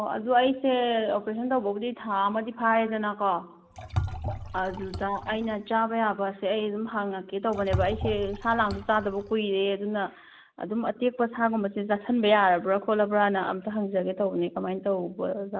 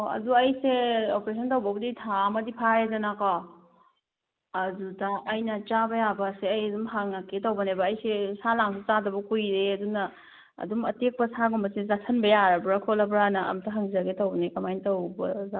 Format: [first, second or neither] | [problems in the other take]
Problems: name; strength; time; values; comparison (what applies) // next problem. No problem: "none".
second | background sound (Liquid); 9 dB below the speech